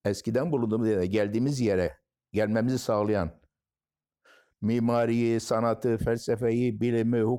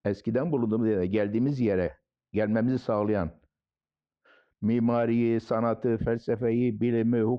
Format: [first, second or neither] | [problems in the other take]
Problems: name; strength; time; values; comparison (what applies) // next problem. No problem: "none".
first | muffled; slightly; fading above 3.5 kHz